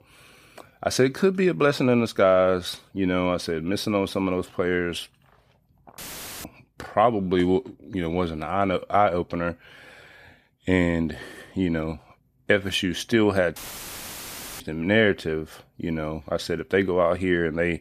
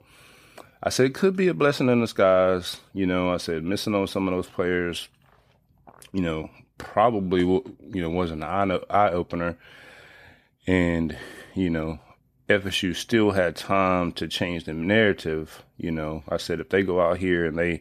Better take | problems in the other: second | audio cutting out; filled with static; at 6 s and at 14 s for 1 s

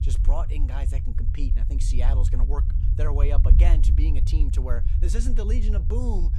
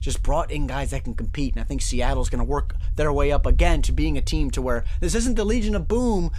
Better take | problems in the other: second | low rumble; loud; throughout; 6 dB below the speech; faint in the second

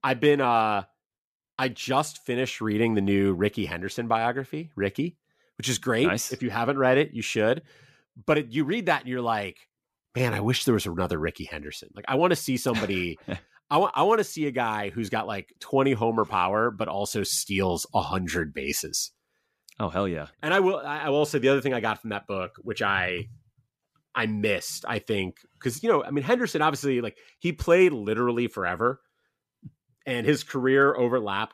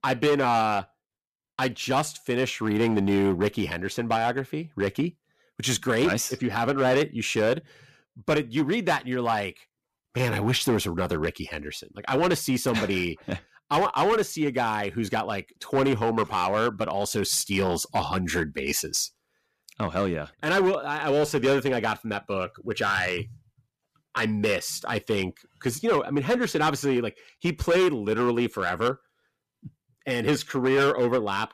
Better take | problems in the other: first | distortion; slight; 6% of the sound clipped

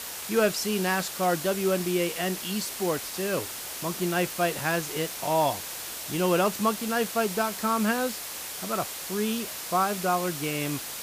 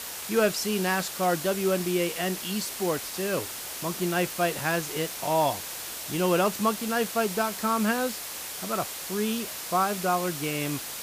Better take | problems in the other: neither | hiss; loud; throughout; 6 dB below the speech; the same in both

